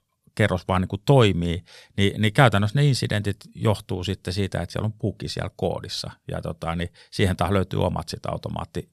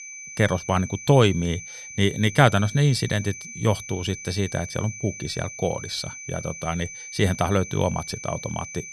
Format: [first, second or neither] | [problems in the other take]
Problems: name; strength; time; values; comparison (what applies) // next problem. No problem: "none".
first | high-pitched whine; noticeable; throughout; 2.5 kHz, 10 dB below the speech